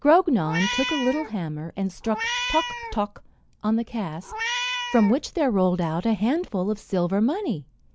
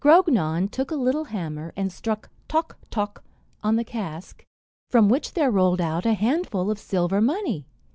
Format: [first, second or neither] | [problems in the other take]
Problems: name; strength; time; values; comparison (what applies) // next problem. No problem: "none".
second | background sound (Meow); 5 dB below the speech